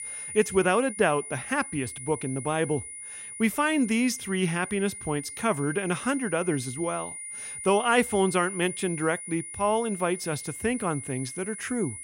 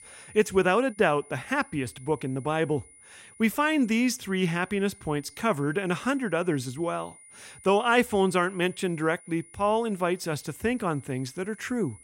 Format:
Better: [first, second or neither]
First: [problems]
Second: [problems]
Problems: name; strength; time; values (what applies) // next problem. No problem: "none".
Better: second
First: high-pitched whine; loud; throughout; 9.5 kHz, 9 dB below the speech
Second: high-pitched whine; faint; throughout; 9.5 kHz, 25 dB below the speech